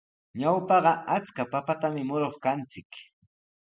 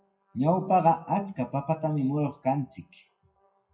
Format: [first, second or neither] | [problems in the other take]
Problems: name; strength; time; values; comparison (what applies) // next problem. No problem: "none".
first | noise reduction (classical method WPE with log-MMSE)